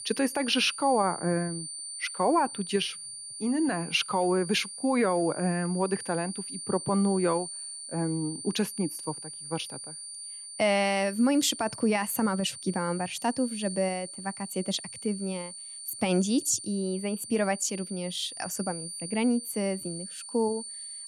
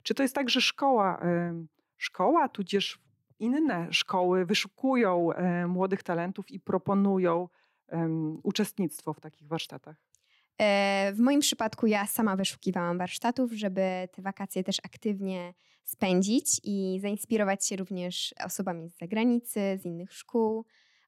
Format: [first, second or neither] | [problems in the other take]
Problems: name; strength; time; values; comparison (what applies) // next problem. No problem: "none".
second | high-pitched whine; loud; throughout; 9 kHz, 9 dB below the speech